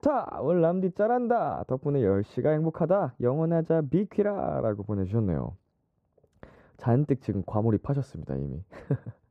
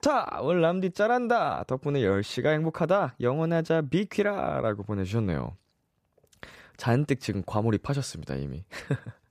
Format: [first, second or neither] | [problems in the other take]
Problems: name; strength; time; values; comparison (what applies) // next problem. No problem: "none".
second | muffled; very; fading above 1.5 kHz